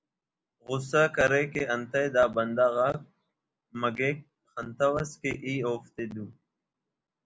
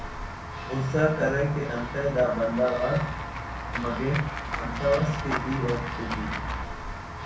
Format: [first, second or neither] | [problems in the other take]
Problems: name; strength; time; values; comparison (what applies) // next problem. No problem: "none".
first | background sound (Walk, footsteps / Run / Bell); 5 dB below the speech // room echo; dies away in 0.6 s